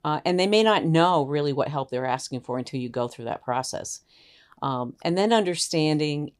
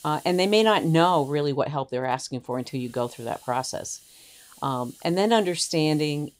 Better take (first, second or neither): first